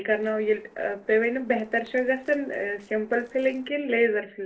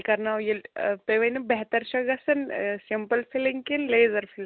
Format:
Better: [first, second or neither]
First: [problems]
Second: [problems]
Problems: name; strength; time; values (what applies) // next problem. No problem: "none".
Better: second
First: noise reduction (neural separator model SepFormer DNS4)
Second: none